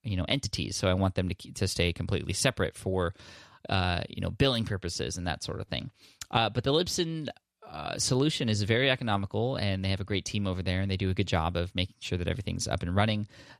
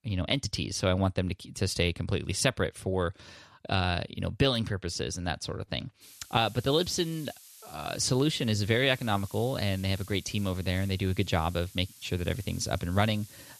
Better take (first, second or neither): first